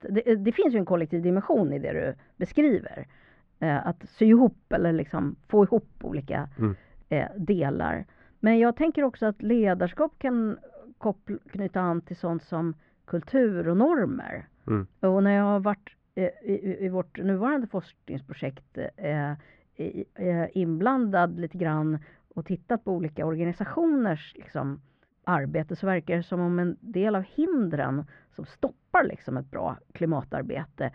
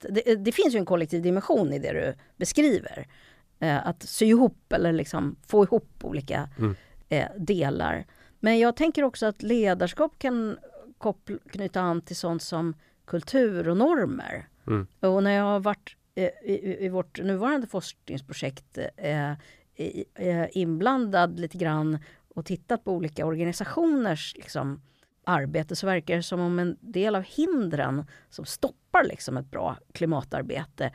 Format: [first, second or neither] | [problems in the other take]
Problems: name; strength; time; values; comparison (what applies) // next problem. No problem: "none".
second | muffled; very; fading above 2 kHz